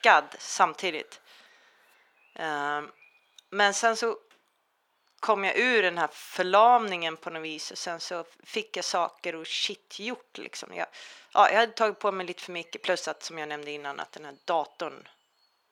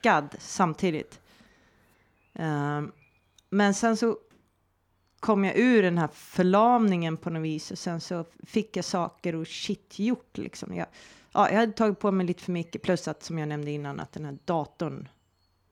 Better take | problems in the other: second | thin; very; fading below 650 Hz

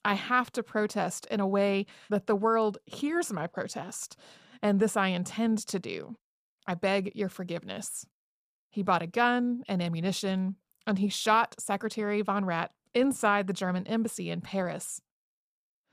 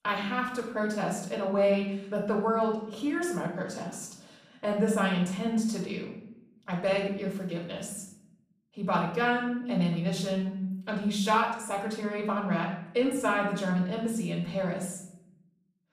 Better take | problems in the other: first | room echo; noticeable; dies away in 0.7 s // off-mic speech; far

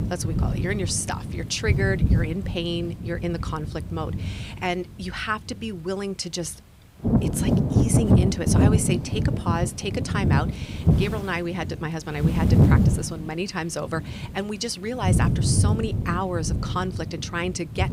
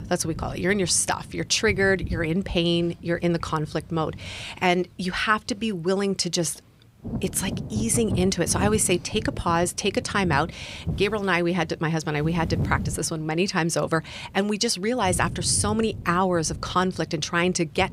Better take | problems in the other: second | wind noise on the microphone; heavy; 3 dB below the speech; occasional gusts in the second

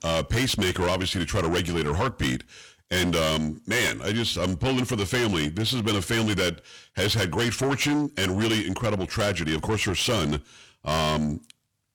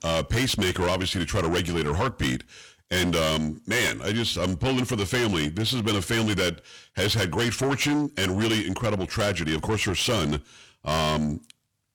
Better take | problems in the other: neither | distortion; heavy; 6 dB below the speech; the same in both

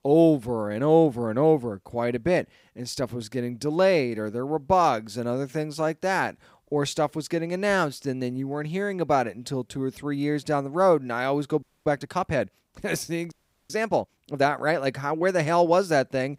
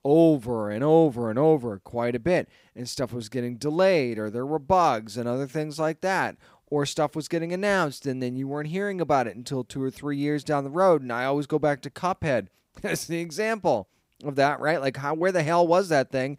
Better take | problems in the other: second | audio freezing; at 12 s and at 13 s

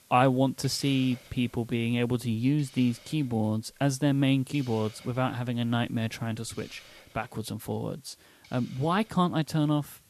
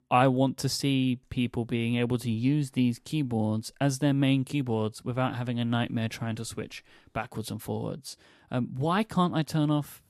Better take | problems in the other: second | hiss; faint; throughout; 25 dB below the speech

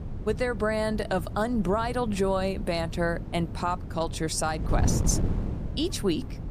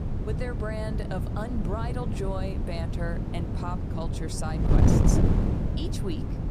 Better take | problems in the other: first | wind noise on the microphone; heavy; 1 dB above the speech; occasional gusts in the first

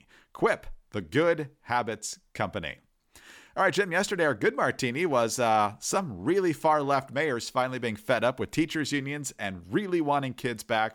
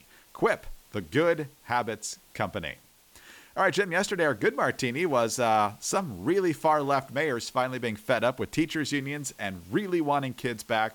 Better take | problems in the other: first | hiss; faint; throughout; 30 dB below the speech

